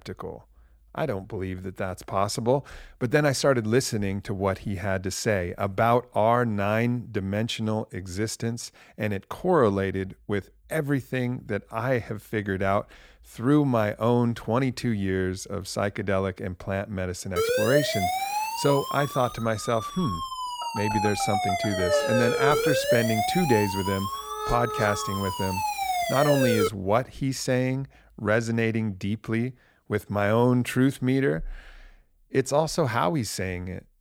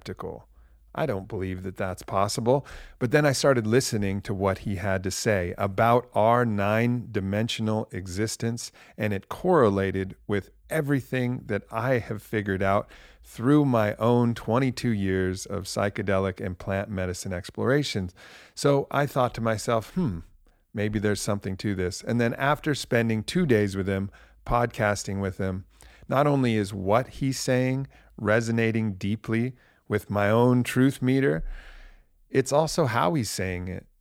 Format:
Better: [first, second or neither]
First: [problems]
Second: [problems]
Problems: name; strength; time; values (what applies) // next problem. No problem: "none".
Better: second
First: siren; loud; from 17 to 27 s; peak 3 dB above the speech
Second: none